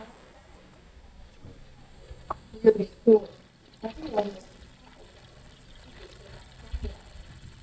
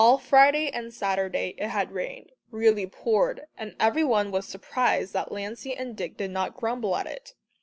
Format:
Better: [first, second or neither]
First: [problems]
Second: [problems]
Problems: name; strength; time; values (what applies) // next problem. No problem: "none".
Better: second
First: noise reduction (neural mask model DeepFilterNet 3)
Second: none